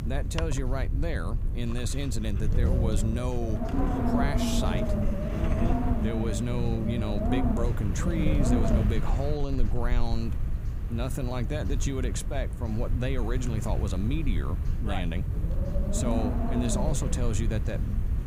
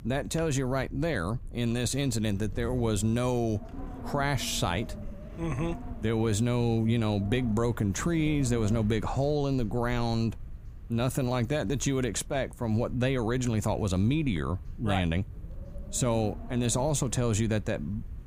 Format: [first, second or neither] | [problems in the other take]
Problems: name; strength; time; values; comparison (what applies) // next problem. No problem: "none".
second | wind noise on the microphone; heavy; 1 dB below the speech; occasional gusts in the second